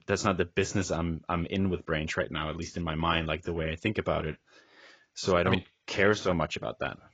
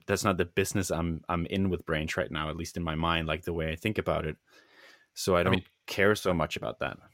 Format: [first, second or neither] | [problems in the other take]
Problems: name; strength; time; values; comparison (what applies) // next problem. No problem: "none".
second | garbled, watery; badly; nothing above 7.5 kHz